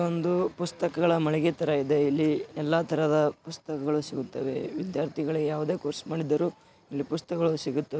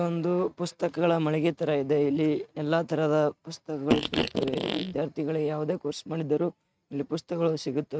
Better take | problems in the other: first | noise reduction (neural mask model RNNoise)

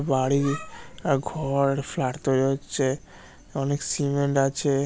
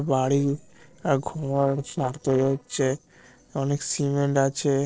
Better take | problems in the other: first | noise reduction (neural separator model SepFormer DNS4)

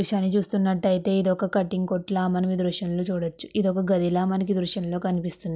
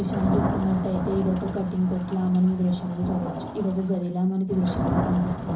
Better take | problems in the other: first | background sound (Thunder / Rain); 5 dB below the speech // room echo; dies away in 0.5 s

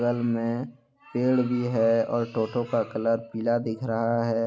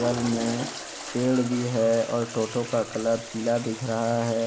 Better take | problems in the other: first | background sound (Toilet flush); 11 dB below the speech

